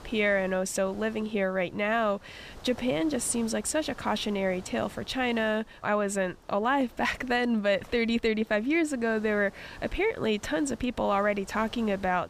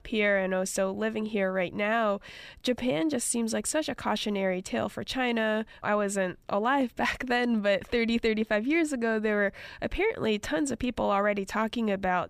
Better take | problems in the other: second | wind noise on the microphone; occasional gusts; 25 dB below the speech

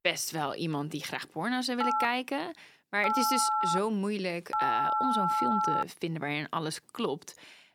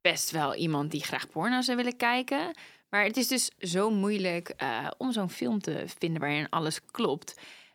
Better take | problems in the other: second | phone ringing; loud; from 2 to 6 s; peak 5 dB above the speech

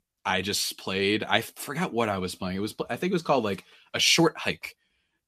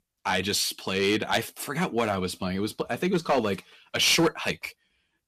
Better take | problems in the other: first | distortion; slight; 3% of the sound clipped

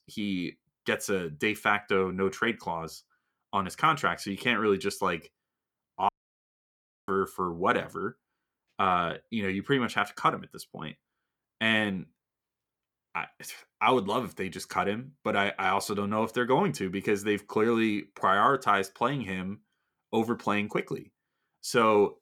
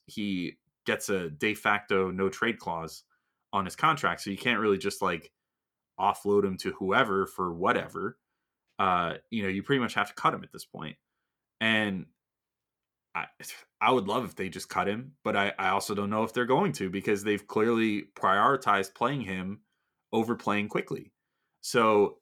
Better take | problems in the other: second | audio cutting out; at 6 s for 1 s

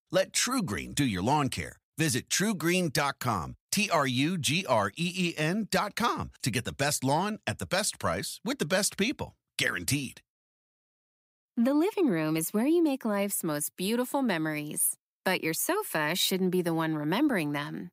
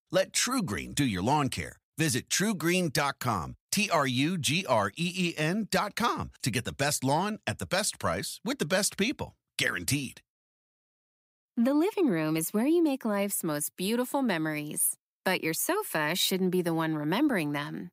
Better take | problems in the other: neither | none

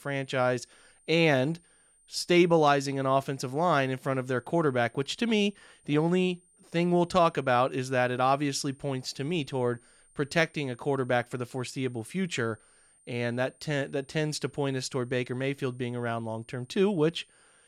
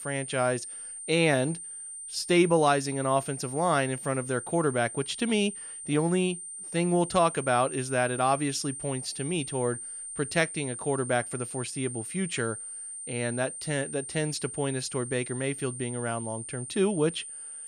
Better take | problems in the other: first | high-pitched whine; loud; throughout; 9 kHz, 8 dB below the speech; faint in the first

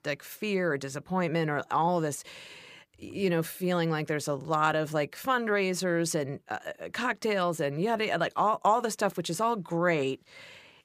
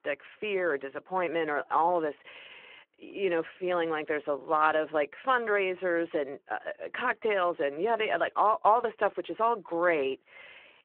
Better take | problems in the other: first | phone-call audio

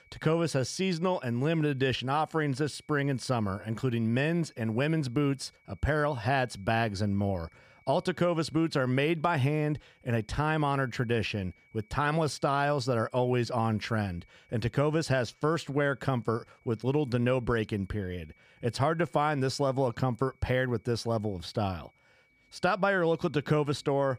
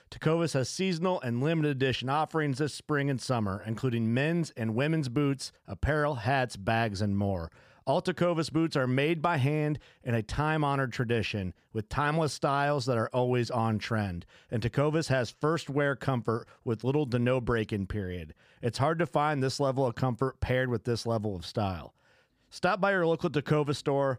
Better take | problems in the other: second | high-pitched whine; faint; throughout; 2.5 kHz, 35 dB below the speech

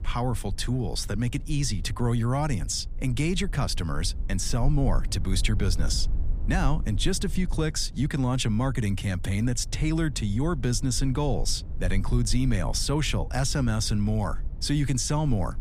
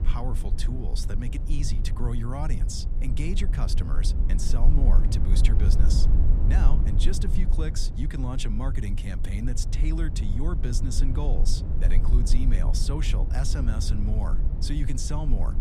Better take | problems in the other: first | low rumble; loud; throughout; 6 dB below the speech; faint in the first

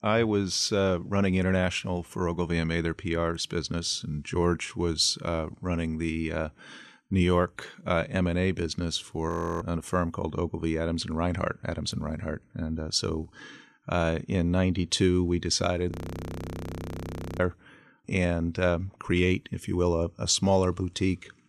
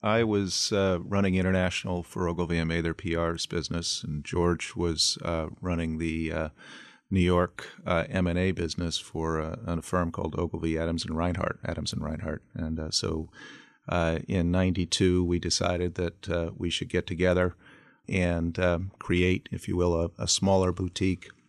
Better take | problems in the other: second | audio freezing; at 9.5 s and at 16 s for 1.5 s

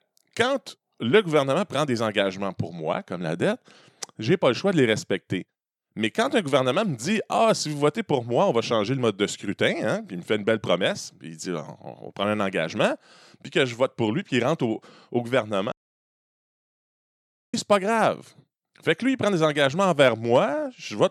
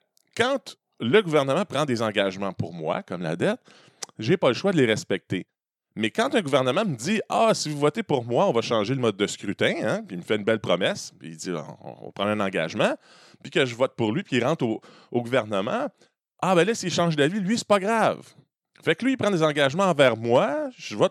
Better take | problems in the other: second | audio cutting out; at 16 s for 2 s

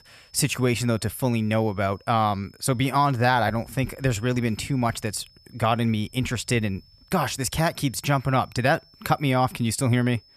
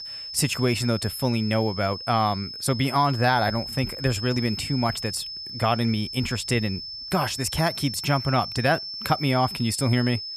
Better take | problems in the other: first | high-pitched whine; loud; throughout; 5 kHz, 8 dB below the speech; faint in the first

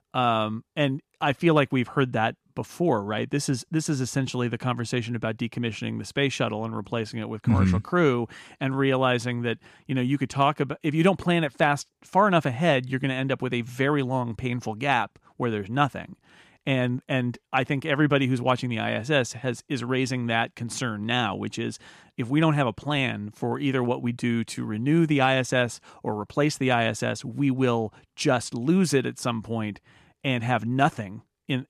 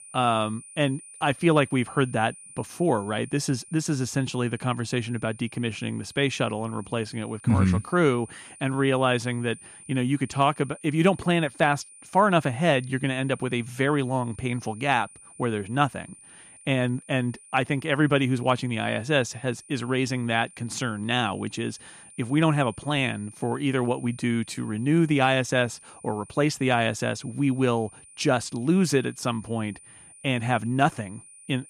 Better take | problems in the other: first | high-pitched whine; faint; throughout; 9.5 kHz, 20 dB below the speech

